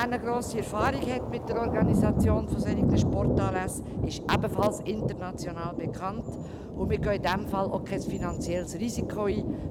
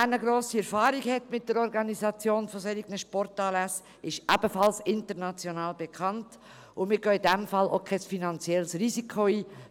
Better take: second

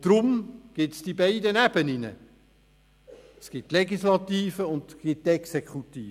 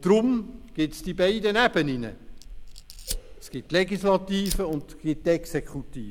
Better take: first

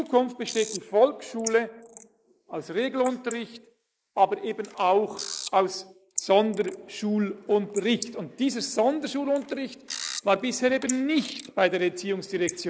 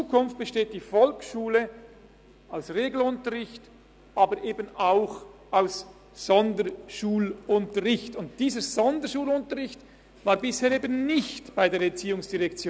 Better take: second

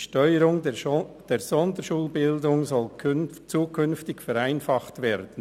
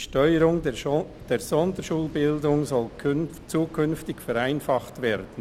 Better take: first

